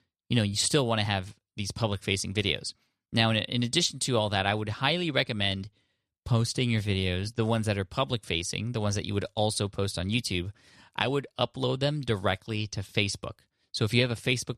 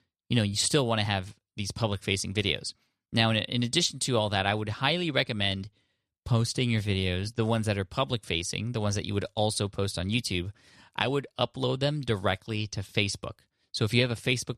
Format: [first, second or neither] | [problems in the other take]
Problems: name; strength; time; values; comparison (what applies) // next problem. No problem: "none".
neither | none